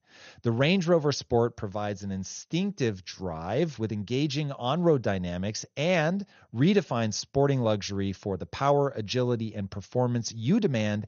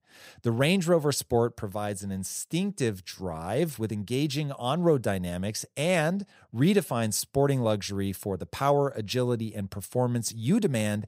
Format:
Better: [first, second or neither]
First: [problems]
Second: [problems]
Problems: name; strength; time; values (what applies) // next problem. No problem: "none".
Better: second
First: garbled, watery; slightly; nothing above 6.5 kHz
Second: none